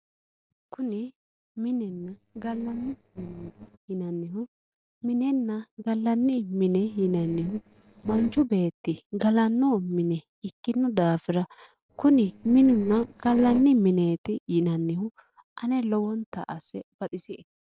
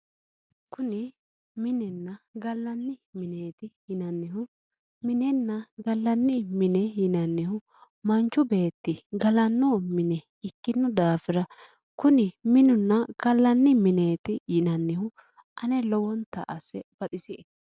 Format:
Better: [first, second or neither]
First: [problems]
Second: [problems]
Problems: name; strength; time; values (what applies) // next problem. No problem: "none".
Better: second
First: noise reduction (neural separator model SepFormer DNS4)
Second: none